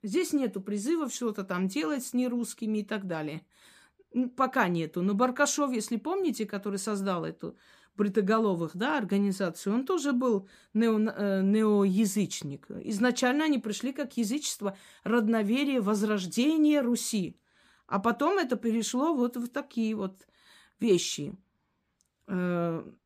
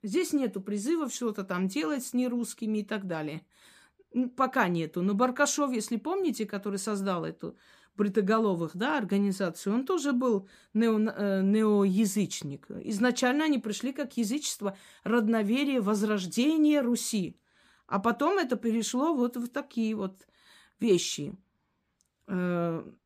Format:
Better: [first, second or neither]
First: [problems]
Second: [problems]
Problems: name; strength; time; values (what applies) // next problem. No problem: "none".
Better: neither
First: none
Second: none